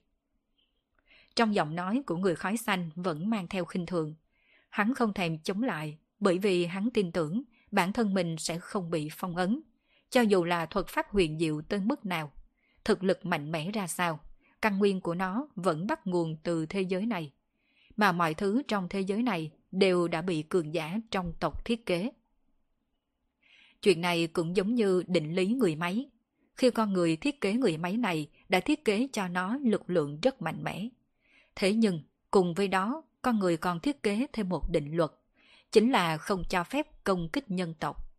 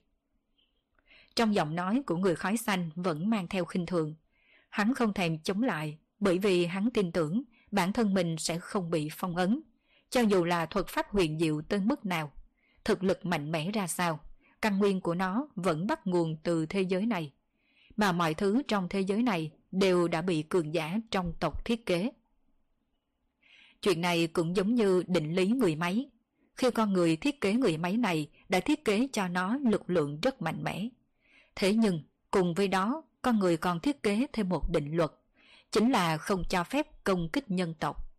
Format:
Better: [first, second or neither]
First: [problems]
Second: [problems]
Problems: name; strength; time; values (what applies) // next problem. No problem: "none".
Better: first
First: none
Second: distortion; slight; 4% of the sound clipped